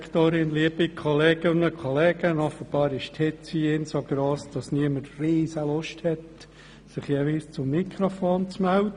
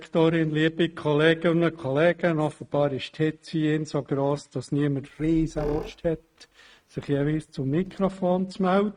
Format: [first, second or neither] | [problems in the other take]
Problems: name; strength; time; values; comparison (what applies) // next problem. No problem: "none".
first | noise reduction (neural mask model RNNoise)